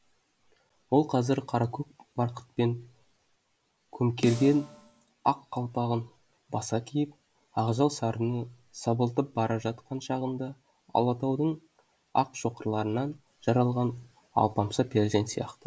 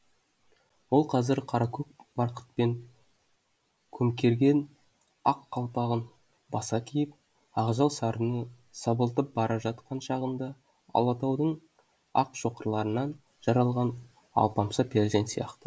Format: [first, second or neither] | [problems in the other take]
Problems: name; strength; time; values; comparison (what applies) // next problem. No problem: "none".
second | background sound (Snare drum); 12 dB below the speech